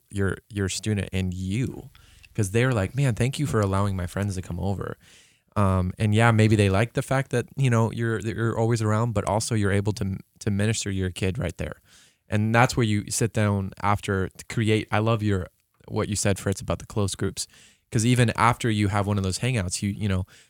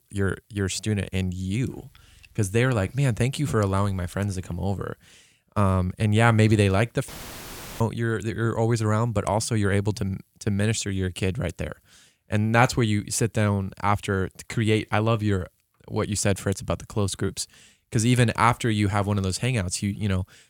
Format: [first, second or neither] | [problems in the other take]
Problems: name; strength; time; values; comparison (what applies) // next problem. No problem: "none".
first | audio cutting out; filled with static; at 7 s for 0.5 s